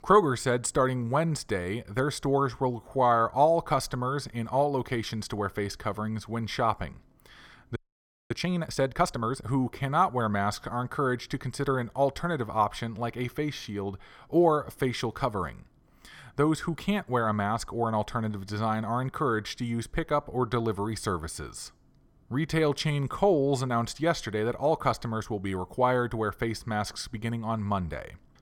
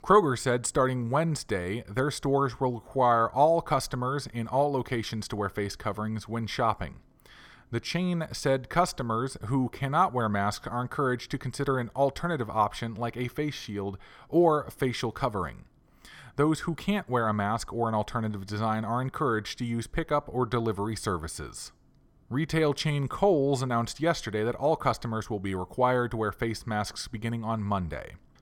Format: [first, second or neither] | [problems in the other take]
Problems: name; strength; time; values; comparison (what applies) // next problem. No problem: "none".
second | audio freezing; at 8 s for 0.5 s